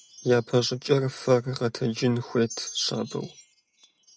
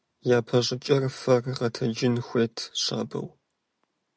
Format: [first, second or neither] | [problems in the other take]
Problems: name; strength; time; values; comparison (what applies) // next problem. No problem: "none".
second | noise reduction (neural mask model RNNoise)